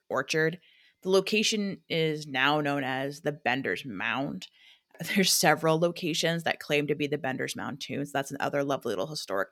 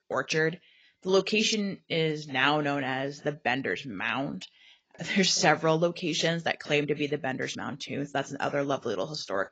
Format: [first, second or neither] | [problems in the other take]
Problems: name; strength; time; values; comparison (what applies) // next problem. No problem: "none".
first | garbled, watery; badly